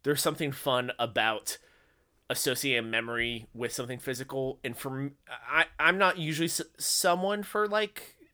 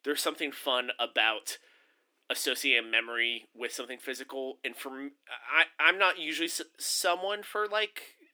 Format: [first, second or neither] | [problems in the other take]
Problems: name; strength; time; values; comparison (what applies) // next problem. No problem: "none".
first | thin; very slightly; fading below 250 Hz